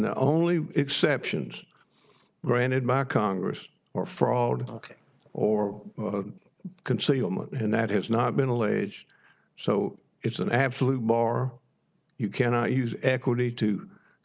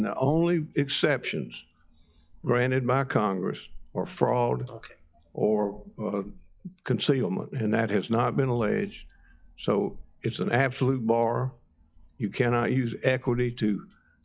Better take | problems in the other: first | noise reduction (classical method log-MMSE)

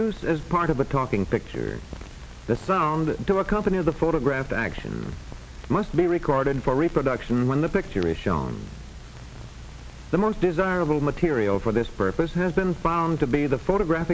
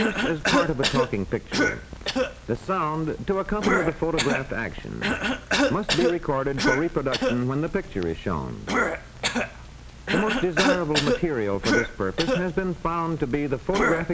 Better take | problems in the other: first | background sound (Cough); 1 dB below the speech

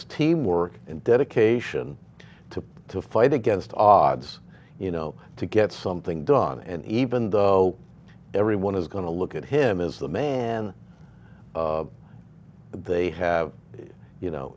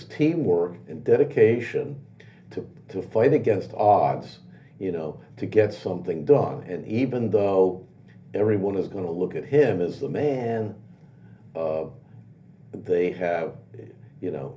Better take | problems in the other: first | room echo; dies away in 0.3 s

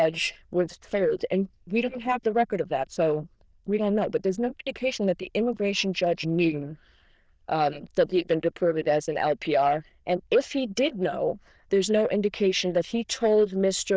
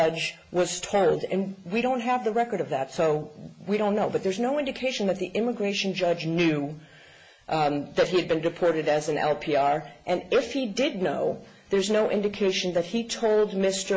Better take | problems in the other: second | noise reduction (neural diffusion model UNIVERSE++)

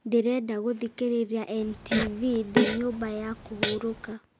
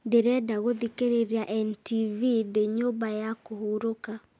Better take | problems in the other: second | background sound (Fart); 3 dB below the speech

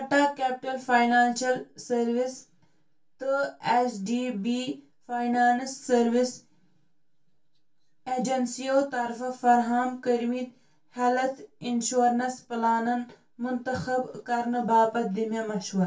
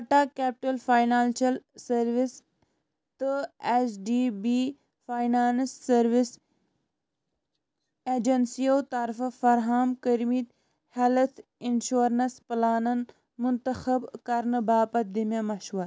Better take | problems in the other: second | room echo; dies away in 0.2 s

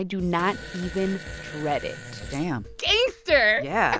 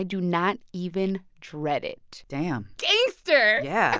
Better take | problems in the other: second | background sound (Drum kit + Fart); 14 dB below the speech

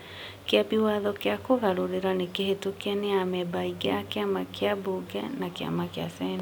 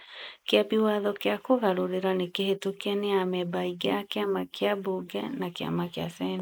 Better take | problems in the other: first | noise reduction (neural mask model Resemble Enhance denoiser)

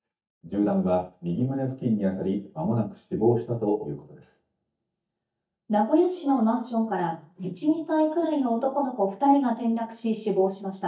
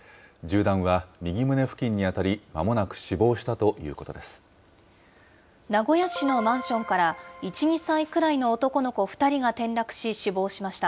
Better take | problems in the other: second | noise reduction (neural mask model DeepFilterNet 3)

